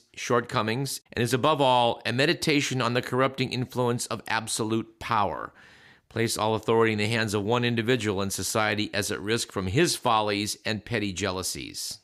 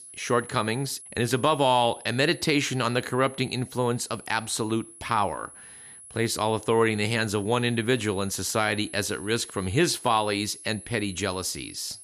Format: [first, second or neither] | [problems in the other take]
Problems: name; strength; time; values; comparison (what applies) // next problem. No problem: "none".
first | high-pitched whine; noticeable; throughout; 10.5 kHz, 15 dB below the speech